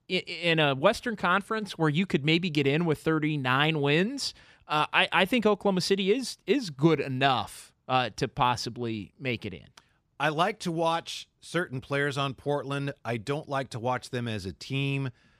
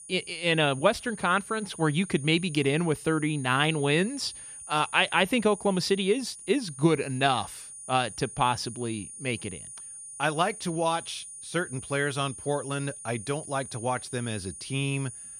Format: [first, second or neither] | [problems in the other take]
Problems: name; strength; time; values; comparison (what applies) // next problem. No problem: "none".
first | high-pitched whine; noticeable; throughout; 9.5 kHz, 15 dB below the speech